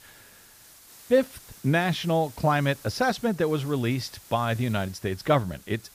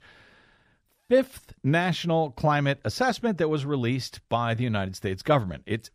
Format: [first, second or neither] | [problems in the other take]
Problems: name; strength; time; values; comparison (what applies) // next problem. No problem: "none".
second | hiss; faint; throughout; 20 dB below the speech